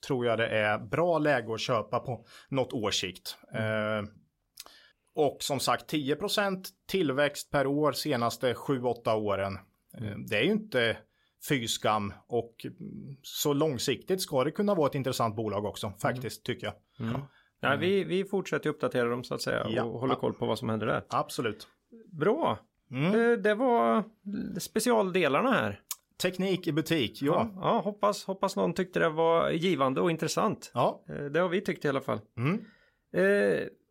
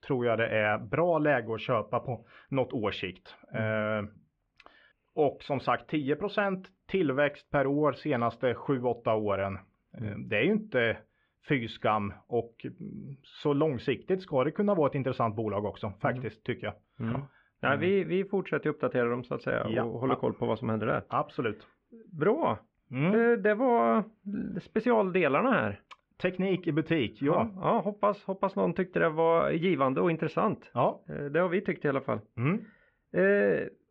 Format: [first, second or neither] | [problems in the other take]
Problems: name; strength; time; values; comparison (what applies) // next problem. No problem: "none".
first | muffled; very; fading above 2.5 kHz